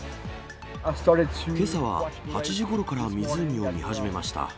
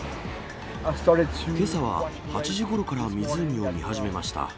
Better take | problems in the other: first | background sound (Fixed-wing aircraft, airplane); 14 dB below the speech

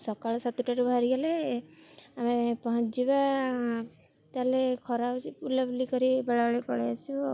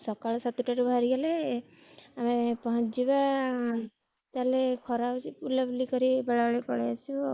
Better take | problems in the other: first | noise reduction (neural mask model Resemble Enhance denoiser)

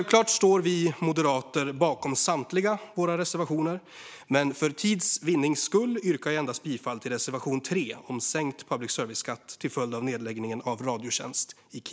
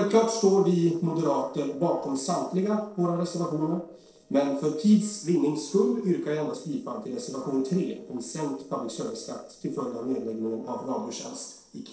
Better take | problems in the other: first | noise reduction (neural separator model SepFormer DNS4)

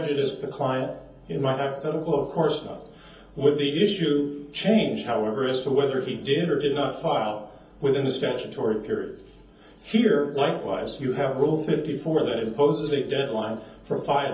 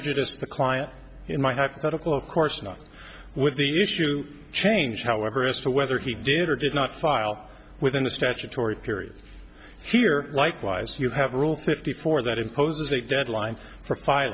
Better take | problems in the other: second | room echo; dies away in 0.7 s

